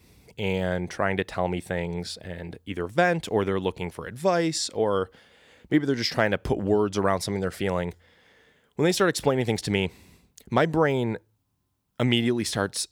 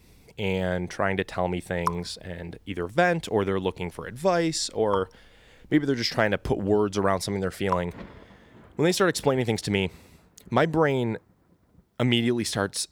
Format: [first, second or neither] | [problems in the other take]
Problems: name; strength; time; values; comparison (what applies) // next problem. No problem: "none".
first | rain or running water; noticeable; throughout; 10 dB below the speech